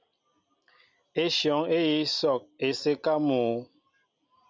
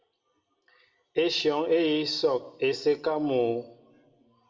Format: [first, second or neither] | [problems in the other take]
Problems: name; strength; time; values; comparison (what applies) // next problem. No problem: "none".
first | room echo; dies away in 0.9 s